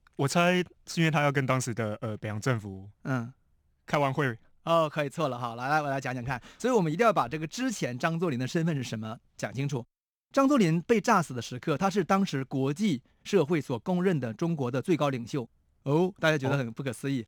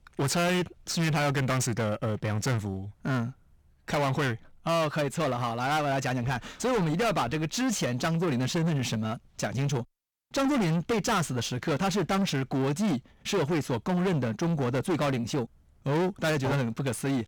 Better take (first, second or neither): first